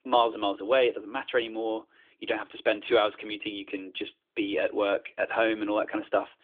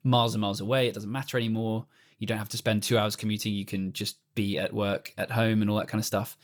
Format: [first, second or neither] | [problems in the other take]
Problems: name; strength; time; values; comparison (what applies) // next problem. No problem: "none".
second | phone-call audio; nothing above 3.5 kHz